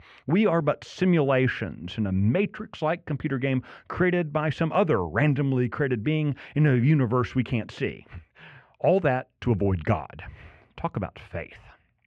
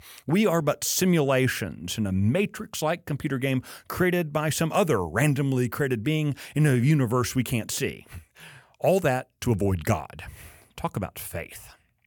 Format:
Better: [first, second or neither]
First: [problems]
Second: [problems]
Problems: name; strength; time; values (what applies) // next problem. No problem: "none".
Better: second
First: muffled; very; fading above 2.5 kHz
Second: none